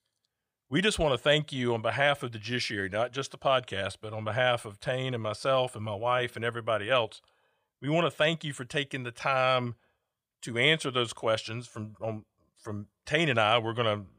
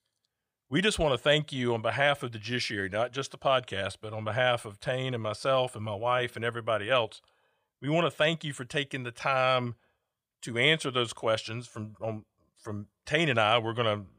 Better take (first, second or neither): neither